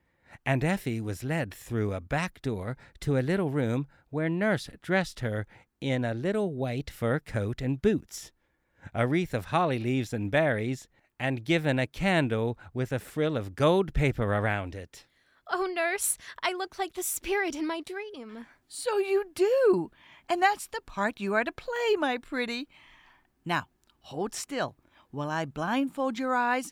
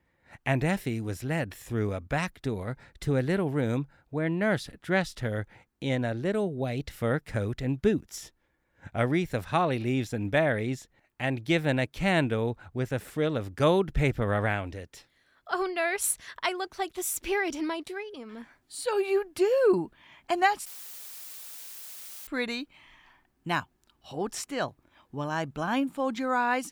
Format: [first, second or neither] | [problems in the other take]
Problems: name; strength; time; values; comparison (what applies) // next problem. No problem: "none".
first | audio cutting out; filled with static; at 21 s for 1.5 s